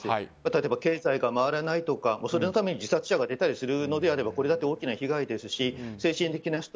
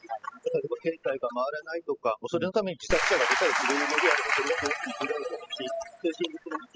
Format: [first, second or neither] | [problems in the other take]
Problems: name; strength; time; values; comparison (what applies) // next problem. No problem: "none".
first | noise reduction (classical method spectral subtraction)